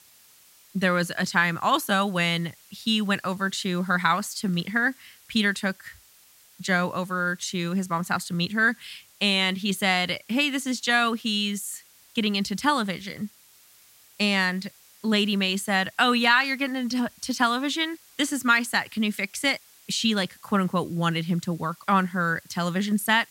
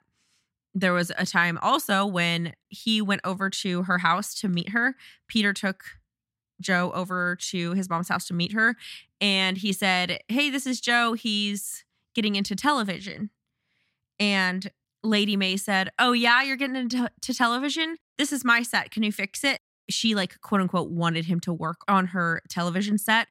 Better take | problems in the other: second | hiss; faint; throughout; 25 dB below the speech

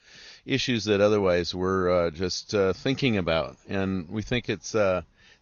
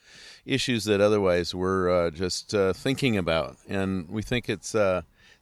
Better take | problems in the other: second | garbled, watery; slightly; nothing above 6.5 kHz

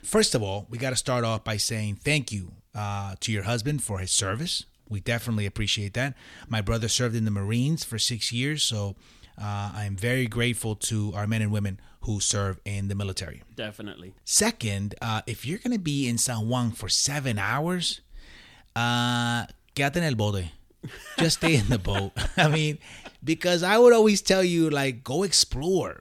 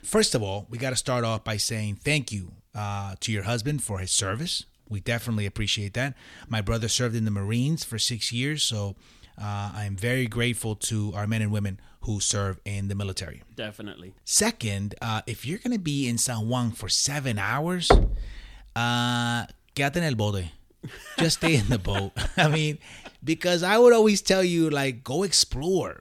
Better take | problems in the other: first | door banging; loud; at 18 s; peak 4 dB above the speech

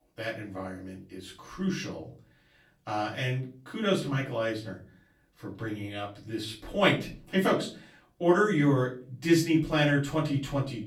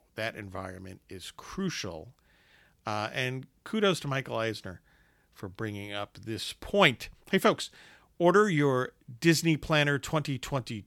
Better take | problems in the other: second | off-mic speech; far // room echo; slight; dies away in 0.4 s

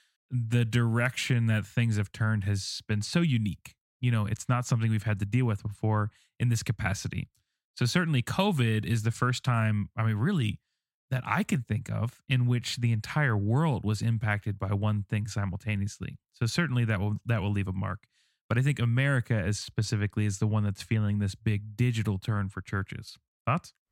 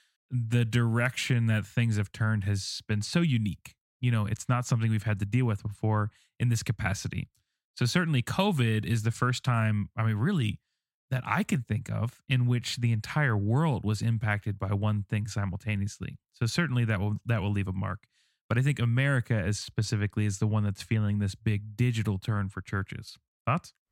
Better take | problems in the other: neither | none

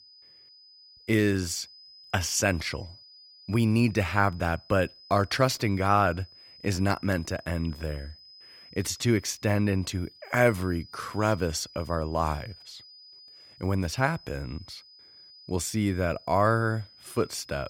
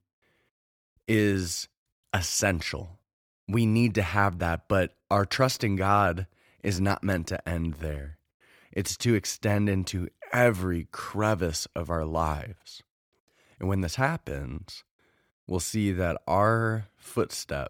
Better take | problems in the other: second | high-pitched whine; faint; throughout; 5 kHz, 20 dB below the speech

